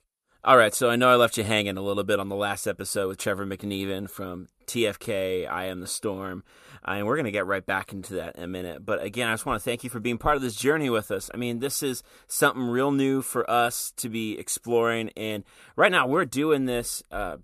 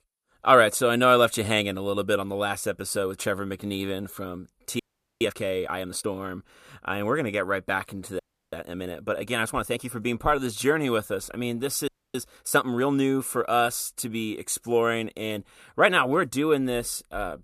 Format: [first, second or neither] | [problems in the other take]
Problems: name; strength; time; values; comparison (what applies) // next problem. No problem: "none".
first | audio freezing; at 5 s, at 8 s and at 12 s